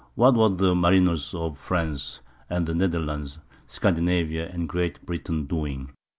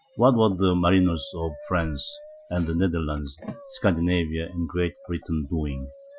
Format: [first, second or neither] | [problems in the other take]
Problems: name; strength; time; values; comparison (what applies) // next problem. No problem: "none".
first | noise reduction (classical method Wiener filter)